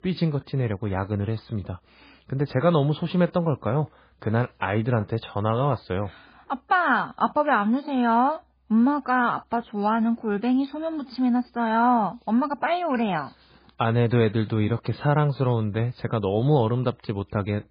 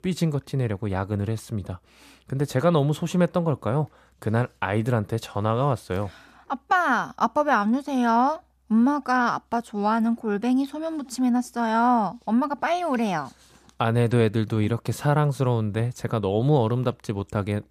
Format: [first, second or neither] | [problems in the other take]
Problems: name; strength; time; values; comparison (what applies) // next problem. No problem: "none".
second | garbled, watery; badly; nothing above 5 kHz